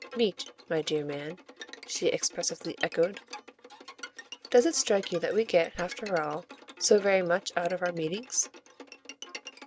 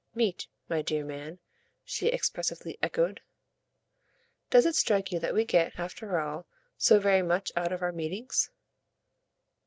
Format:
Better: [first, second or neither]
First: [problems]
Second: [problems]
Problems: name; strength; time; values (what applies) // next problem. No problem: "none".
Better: second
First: background sound (Bowed string instrument); 17 dB below the speech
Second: none